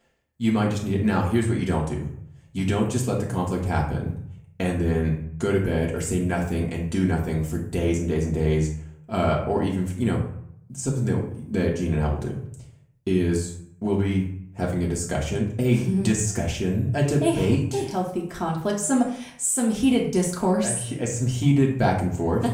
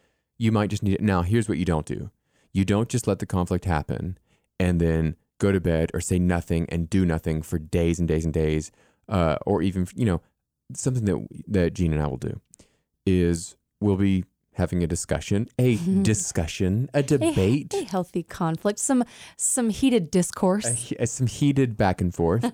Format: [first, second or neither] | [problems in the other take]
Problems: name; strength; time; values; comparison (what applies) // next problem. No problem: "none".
second | room echo; slight; dies away in 0.5 s // off-mic speech; far